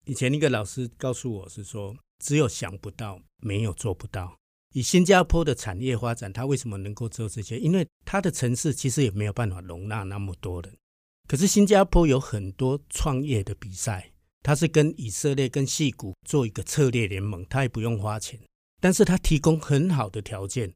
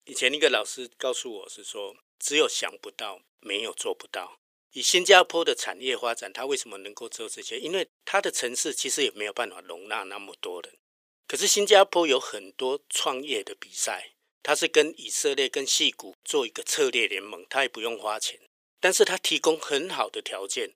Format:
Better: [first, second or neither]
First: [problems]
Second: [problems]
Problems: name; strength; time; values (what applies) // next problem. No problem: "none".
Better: first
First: none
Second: thin; very; fading below 400 Hz